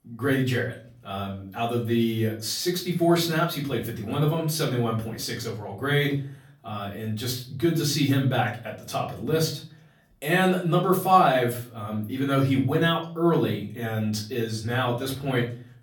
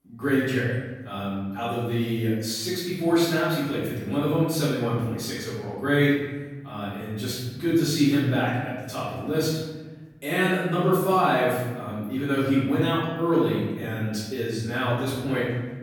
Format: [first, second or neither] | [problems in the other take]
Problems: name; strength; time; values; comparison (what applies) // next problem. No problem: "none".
first | room echo; strong; dies away in 1.2 s; slight in the first // off-mic speech; far; far in the first